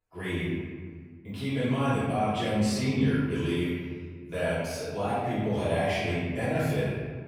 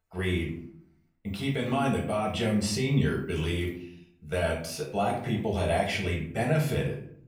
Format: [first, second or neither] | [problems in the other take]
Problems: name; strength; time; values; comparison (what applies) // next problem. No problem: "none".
second | room echo; strong; dies away in 1.6 s; slight in the second // off-mic speech; far; far in the second